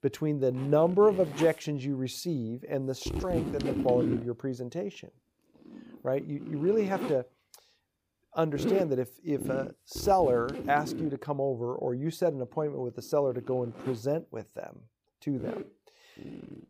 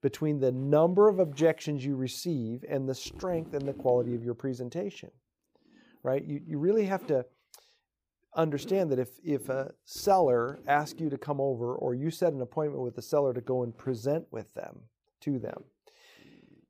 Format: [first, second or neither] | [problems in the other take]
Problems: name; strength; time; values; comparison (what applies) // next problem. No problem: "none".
second | household noises; loud; throughout; 8 dB below the speech; faint in the second